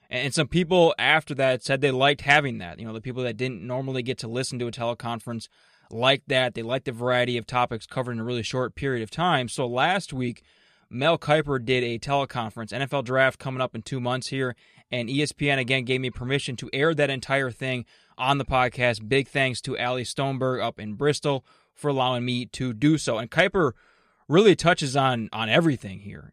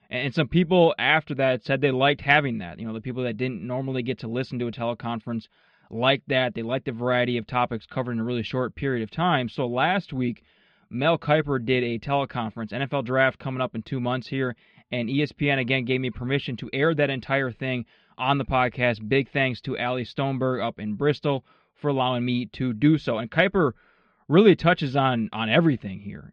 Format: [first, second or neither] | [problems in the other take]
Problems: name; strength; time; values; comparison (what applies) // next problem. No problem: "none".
first | muffled; slightly; fading above 3.5 kHz